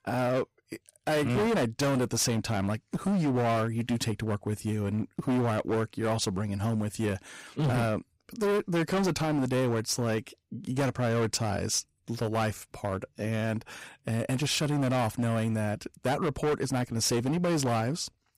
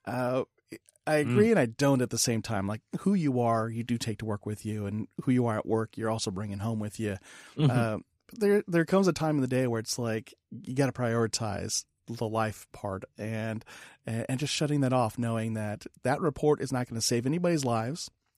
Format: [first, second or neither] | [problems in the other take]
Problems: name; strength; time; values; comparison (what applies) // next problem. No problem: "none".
second | distortion; heavy; 17% of the sound clipped